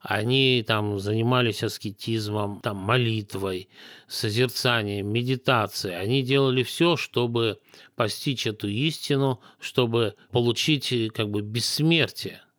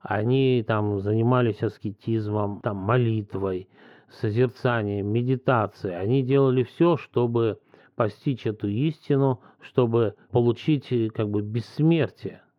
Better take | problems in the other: first | muffled; very; fading above 3 kHz

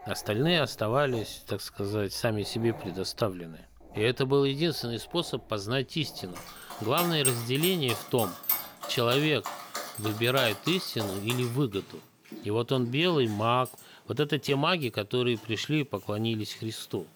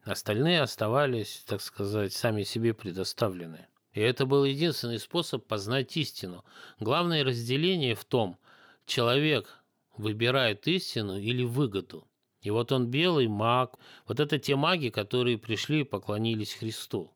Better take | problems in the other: second | animal sounds; loud; throughout; 8 dB below the speech

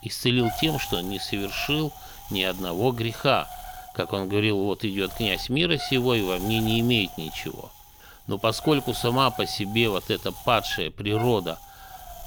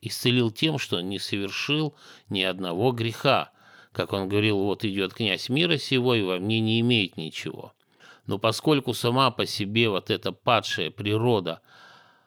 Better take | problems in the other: second | wind noise on the microphone; occasional gusts; 15 dB below the speech

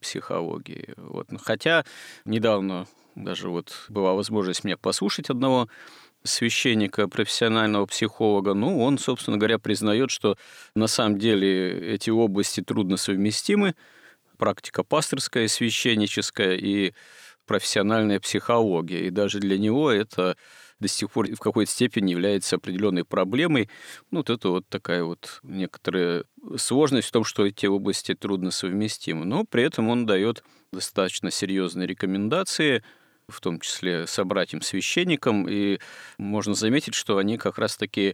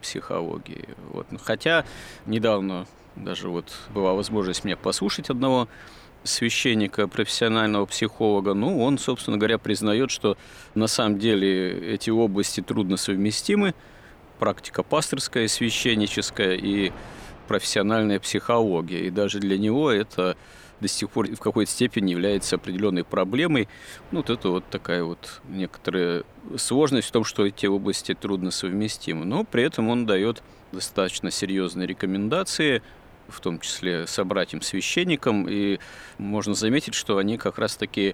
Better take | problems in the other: first | wind noise on the microphone; occasional gusts; 25 dB below the speech

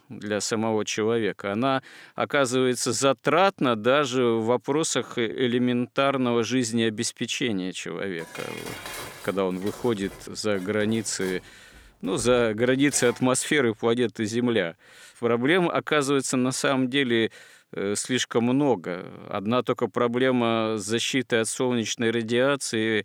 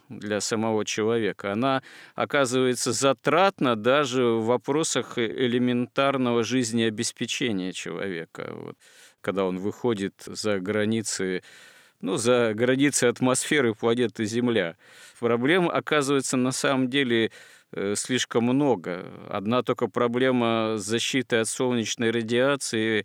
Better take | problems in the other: second | clattering dishes; faint; from 8 to 13 s; peak 10 dB below the speech

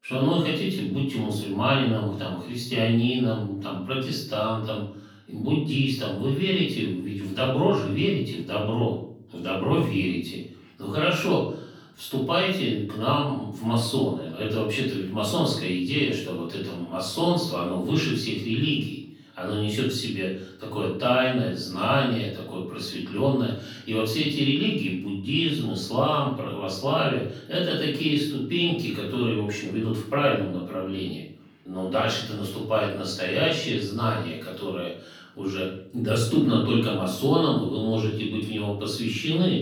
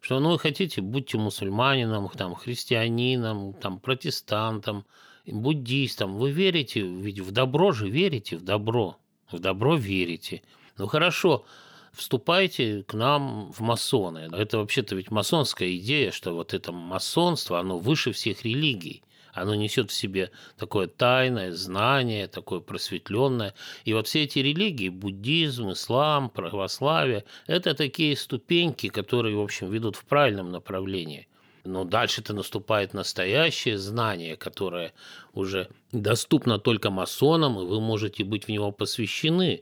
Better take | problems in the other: second | off-mic speech; far // room echo; noticeable; dies away in 0.5 s

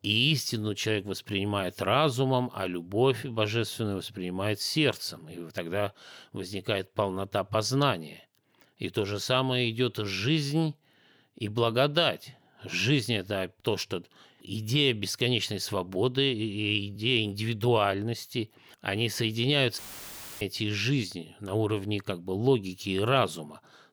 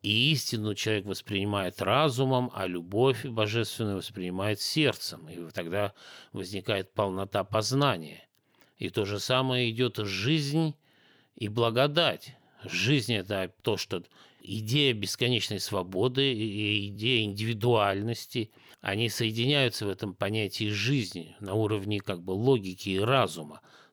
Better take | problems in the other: second | audio cutting out; filled with static; at 20 s for 0.5 s

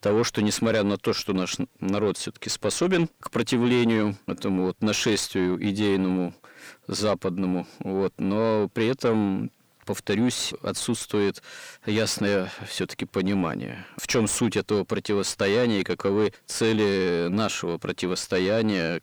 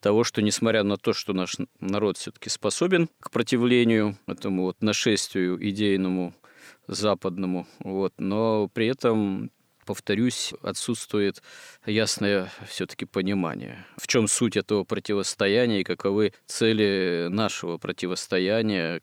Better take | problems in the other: second | distortion; slight; 10 dB below the speech

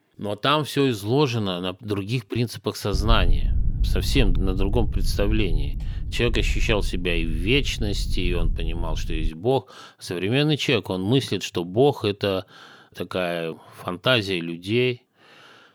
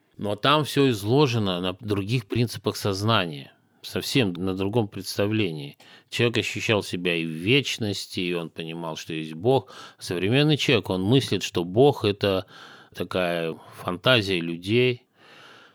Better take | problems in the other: second | low rumble; faint; from 3 to 9.5 s; 20 dB below the speech

